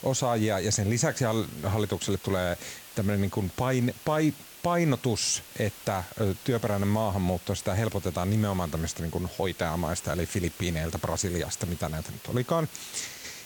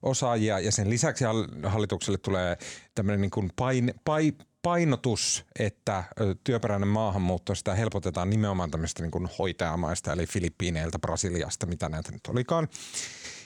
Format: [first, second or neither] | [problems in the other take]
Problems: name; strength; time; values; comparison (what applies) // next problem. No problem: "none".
second | hiss; noticeable; throughout; 15 dB below the speech